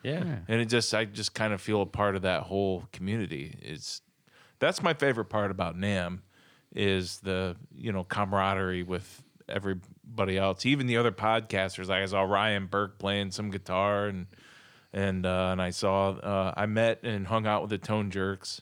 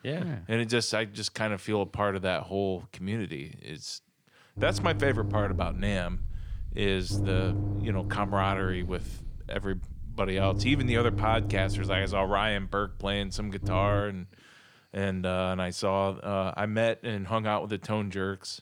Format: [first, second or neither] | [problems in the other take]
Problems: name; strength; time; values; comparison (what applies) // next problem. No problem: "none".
first | low rumble; noticeable; from 4.5 to 14 s; 15 dB below the speech